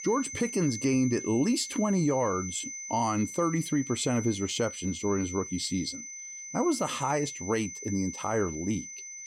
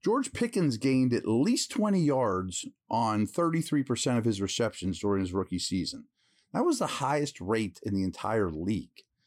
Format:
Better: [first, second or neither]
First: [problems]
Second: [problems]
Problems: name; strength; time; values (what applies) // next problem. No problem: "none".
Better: second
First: high-pitched whine; loud; throughout; 6 kHz, 9 dB below the speech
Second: none